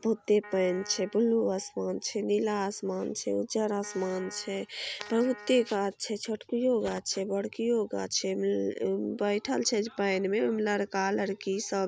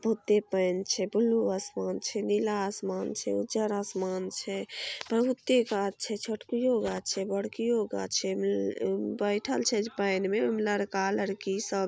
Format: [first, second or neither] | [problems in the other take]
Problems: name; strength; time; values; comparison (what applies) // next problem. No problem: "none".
second | background sound (Piano); 18 dB below the speech